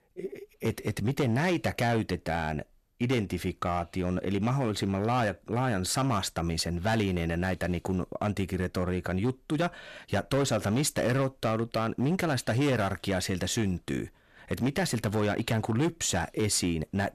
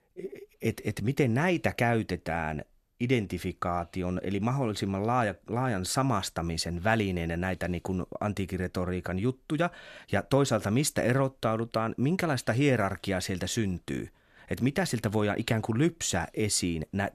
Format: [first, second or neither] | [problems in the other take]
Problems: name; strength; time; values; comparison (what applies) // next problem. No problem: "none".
second | distortion; slight; 9% of the sound clipped